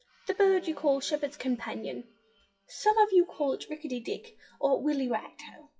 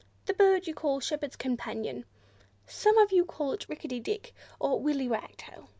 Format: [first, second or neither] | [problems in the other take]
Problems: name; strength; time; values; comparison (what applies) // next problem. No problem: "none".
second | noise reduction (classical method WPE with log-MMSE)